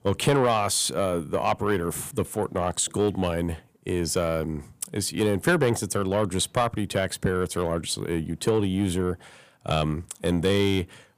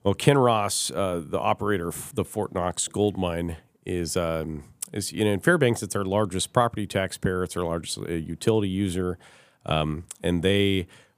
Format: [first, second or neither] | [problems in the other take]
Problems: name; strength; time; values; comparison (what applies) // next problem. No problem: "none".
second | distortion; slight; 10 dB below the speech